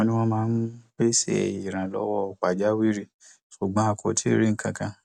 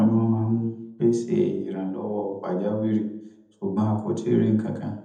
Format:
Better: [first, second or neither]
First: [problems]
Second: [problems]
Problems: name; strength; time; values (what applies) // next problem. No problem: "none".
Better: first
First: none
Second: room echo; dies away in 0.8 s